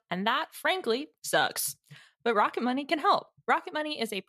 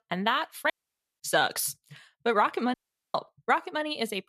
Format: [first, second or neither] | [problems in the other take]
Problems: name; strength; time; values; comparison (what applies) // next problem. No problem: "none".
first | audio cutting out; at 0.5 s for 0.5 s and at 2.5 s